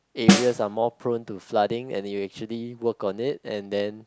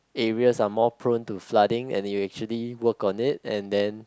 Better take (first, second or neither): second